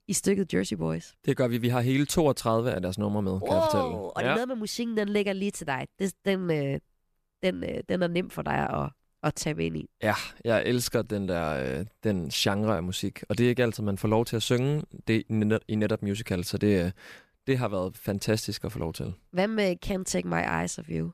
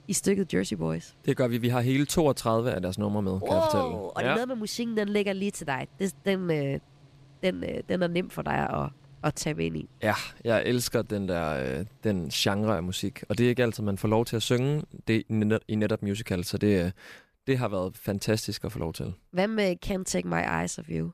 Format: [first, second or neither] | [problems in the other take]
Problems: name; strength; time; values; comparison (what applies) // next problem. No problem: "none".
first | household noises; faint; until 15 s; 30 dB below the speech